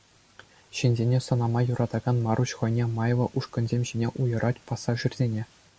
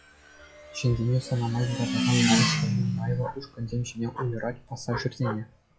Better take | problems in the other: first | noise reduction (classical method log-MMSE)

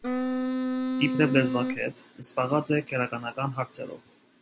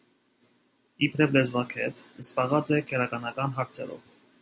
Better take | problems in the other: second | background sound (Wind instrument, woodwind instrument); 1 dB above the speech

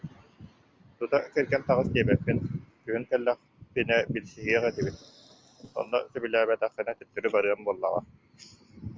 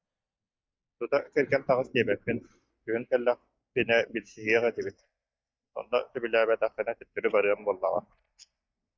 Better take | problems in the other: first | noise reduction (neural mask model DeepFilterNet 3)

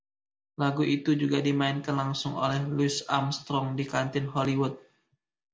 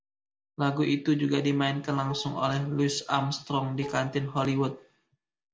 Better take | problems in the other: first | background sound (Dishes, pots, and pans); 18 dB below the speech

